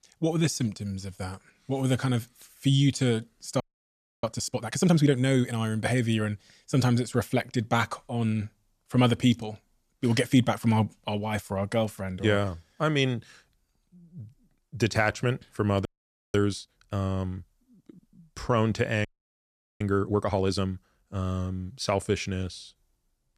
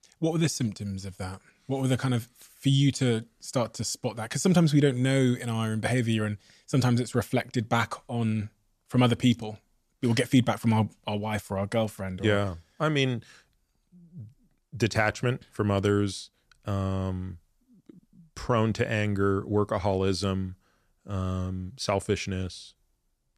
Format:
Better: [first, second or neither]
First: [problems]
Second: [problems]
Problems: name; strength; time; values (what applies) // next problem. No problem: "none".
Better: second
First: audio freezing; at 3.5 s for 0.5 s, at 16 s and at 19 s for 1 s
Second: none